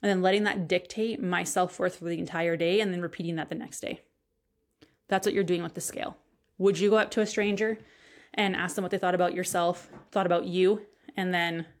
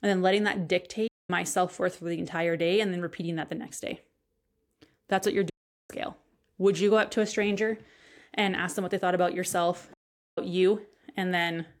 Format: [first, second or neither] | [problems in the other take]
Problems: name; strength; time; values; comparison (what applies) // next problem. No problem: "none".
first | audio cutting out; at 1 s, at 5.5 s and at 10 s